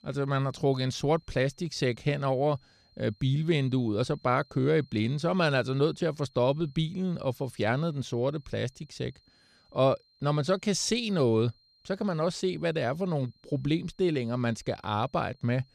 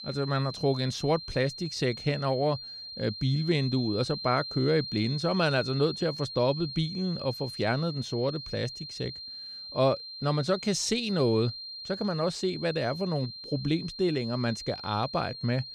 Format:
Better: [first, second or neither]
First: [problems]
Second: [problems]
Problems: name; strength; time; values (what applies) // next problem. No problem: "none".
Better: first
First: high-pitched whine; faint; throughout; 4 kHz, 35 dB below the speech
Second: high-pitched whine; loud; throughout; 4 kHz, 9 dB below the speech